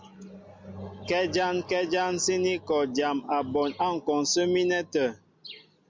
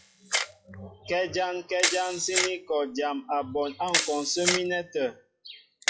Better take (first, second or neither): first